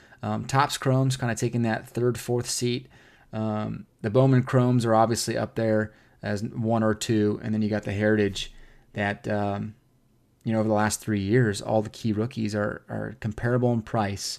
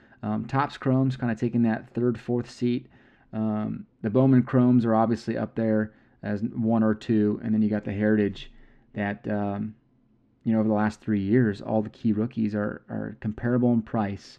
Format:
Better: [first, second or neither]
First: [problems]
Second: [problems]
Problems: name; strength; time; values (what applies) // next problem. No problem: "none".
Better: first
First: none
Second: muffled; slightly; fading above 2.5 kHz